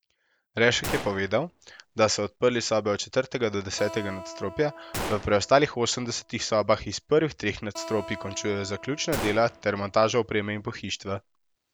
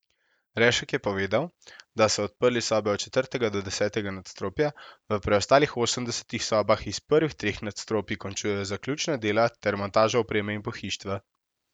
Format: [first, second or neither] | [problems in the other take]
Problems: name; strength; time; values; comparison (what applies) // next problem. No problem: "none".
second | background sound (Acoustic guitar + Gunshot, gunfire); 13 dB below the speech